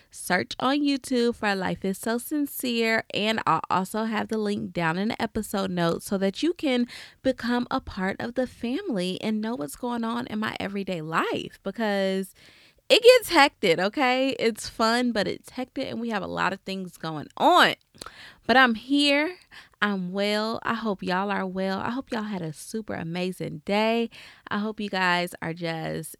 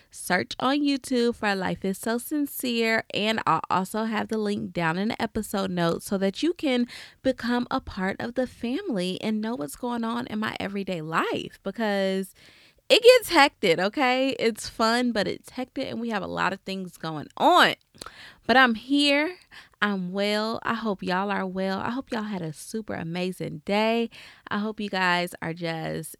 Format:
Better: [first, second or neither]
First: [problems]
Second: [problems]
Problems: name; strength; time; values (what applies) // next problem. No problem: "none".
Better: neither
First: none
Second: none